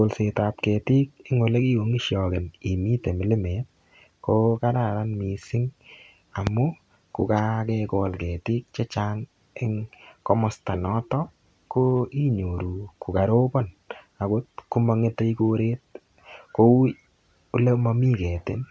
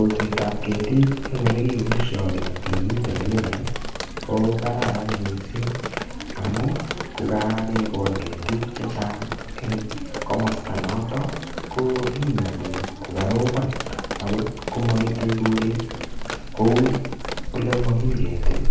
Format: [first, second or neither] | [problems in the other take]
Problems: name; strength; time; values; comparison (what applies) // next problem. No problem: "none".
first | background sound (Drip); 2 dB below the speech // room echo; dies away in 0.8 s